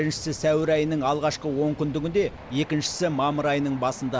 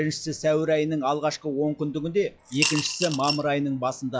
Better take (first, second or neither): first